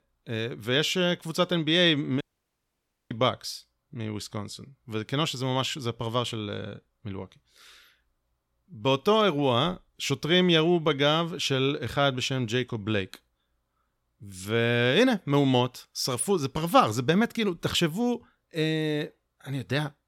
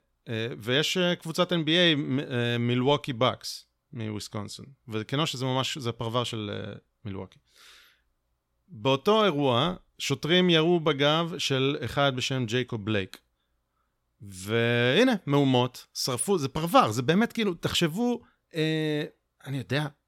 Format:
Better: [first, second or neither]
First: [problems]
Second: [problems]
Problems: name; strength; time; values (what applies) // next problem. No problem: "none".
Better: second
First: audio cutting out; at 2 s for 1 s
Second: none